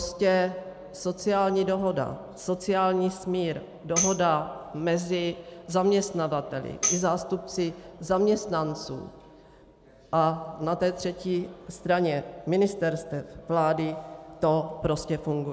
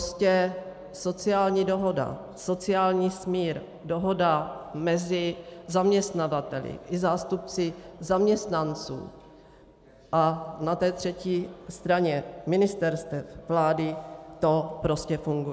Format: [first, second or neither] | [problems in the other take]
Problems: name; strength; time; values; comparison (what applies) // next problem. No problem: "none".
second | background sound (Tambourine); 6 dB below the speech